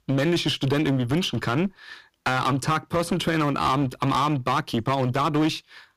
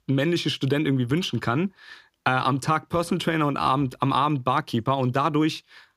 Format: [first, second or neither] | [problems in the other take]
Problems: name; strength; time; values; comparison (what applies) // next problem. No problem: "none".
second | distortion; slight; 12% of the sound clipped